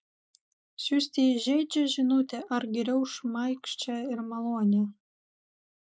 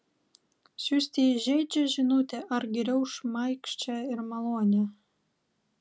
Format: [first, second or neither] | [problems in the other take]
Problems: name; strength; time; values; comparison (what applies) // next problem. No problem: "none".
second | noise reduction (neural mask model Resemble Enhance denoiser)